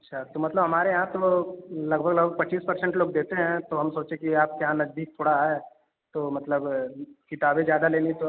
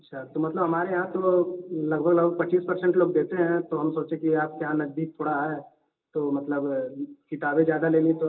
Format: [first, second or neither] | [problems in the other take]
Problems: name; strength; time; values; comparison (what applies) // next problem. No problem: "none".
first | room echo; dies away in 0.2 s